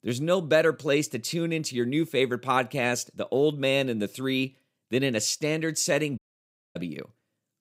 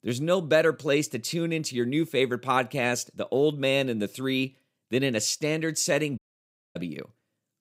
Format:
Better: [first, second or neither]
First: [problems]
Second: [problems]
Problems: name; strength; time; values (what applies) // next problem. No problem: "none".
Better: neither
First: audio cutting out; at 6 s for 0.5 s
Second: audio cutting out; at 6 s for 0.5 s